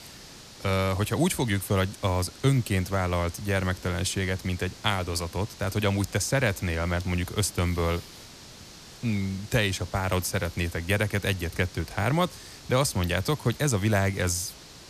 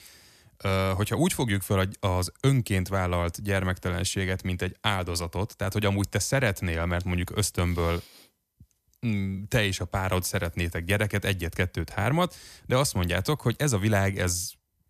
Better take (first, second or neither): second